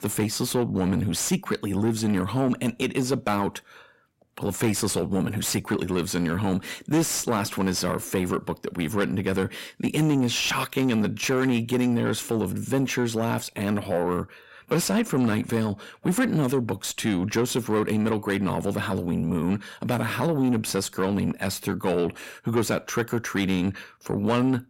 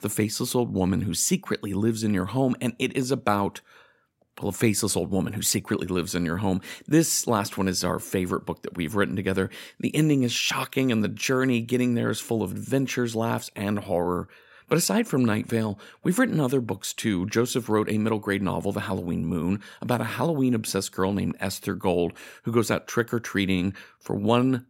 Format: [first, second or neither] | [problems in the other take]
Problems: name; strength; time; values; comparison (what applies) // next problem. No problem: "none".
second | distortion; slight; 10 dB below the speech